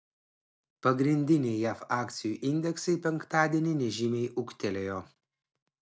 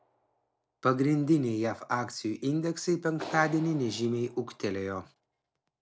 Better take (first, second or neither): first